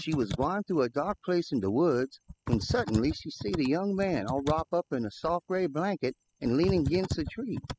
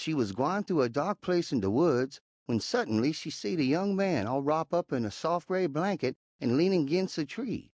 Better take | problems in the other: second | noise reduction (classical method spectral subtraction)

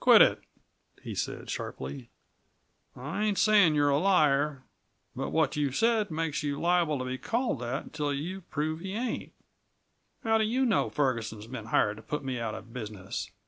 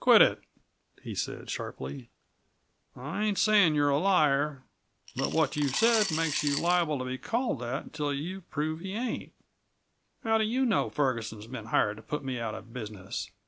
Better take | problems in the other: first | background sound (Coin (dropping) / Glass); 6 dB below the speech

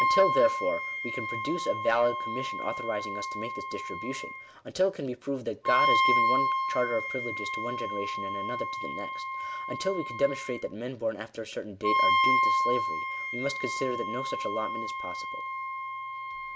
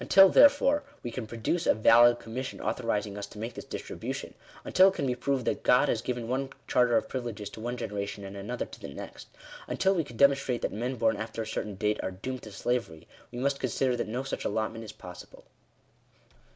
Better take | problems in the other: second | background sound (Wind instrument, woodwind instrument); 2 dB above the speech

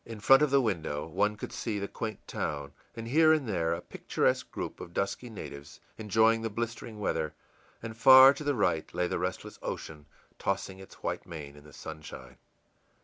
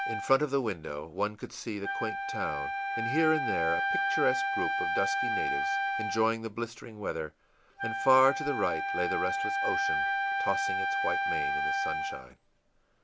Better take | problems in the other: first | background sound (Wind instrument, woodwind instrument); as loud as the speech

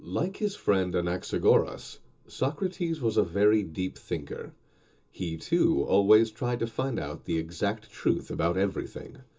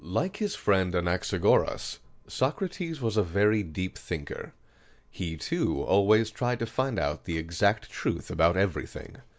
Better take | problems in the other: second | room echo; dies away in 0.2 s

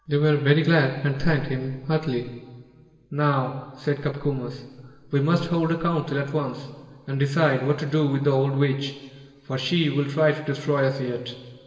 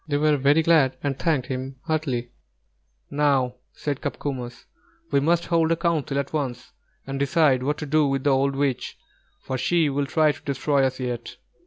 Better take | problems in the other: second | room echo; dies away in 2.4 s

